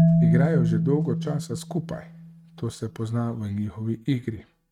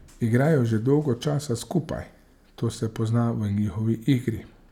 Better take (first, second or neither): second